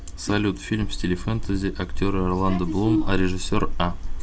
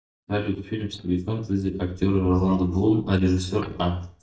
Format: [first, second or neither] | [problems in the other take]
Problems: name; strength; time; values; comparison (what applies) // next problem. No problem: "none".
first | noise reduction (neural mask model DeepFilterNet 3)